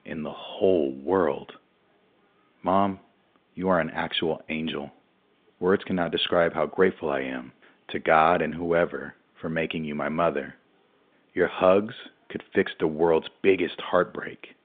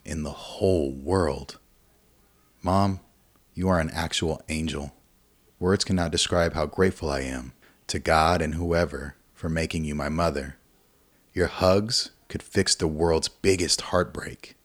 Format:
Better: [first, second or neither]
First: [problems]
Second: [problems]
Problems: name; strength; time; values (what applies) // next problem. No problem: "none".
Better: second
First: phone-call audio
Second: none